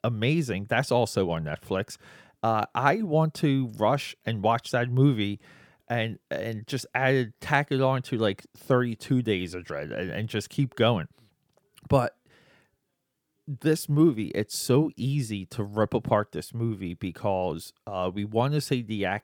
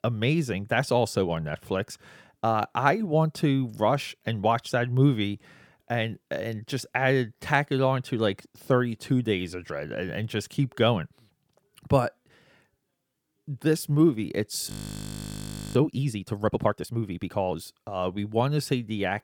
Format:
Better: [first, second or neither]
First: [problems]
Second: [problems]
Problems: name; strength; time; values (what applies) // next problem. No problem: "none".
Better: first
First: none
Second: audio freezing; at 15 s for 1 s